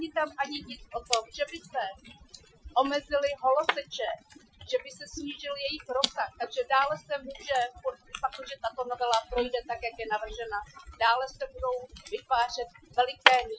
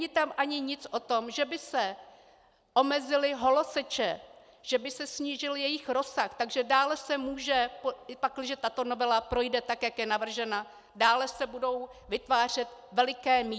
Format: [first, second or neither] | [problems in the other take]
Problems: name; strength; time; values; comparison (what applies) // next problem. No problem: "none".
second | noise reduction (classical method Wiener filter)